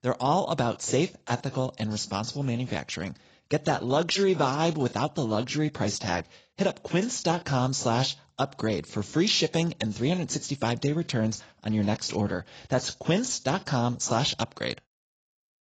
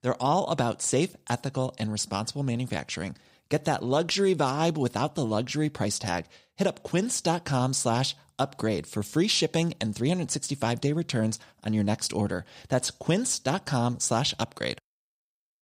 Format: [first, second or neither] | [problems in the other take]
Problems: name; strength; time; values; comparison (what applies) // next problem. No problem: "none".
second | garbled, watery; badly; nothing above 7.5 kHz